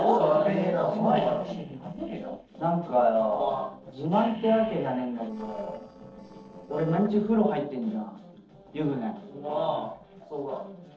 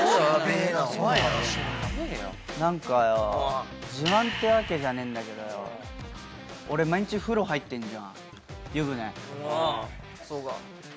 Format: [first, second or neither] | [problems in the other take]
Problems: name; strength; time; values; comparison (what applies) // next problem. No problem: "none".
second | noise reduction (neural separator model SepFormer DNS4)